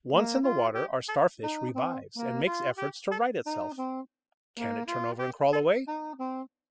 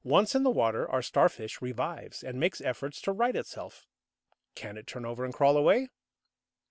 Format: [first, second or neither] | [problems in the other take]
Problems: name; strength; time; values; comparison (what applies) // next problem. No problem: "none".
second | noise reduction (classical method spectral subtraction)